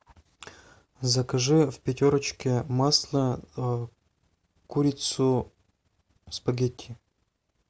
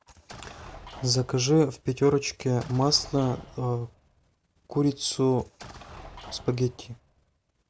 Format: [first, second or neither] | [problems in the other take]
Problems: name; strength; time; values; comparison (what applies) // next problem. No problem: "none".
first | background sound (Explosion); 19 dB below the speech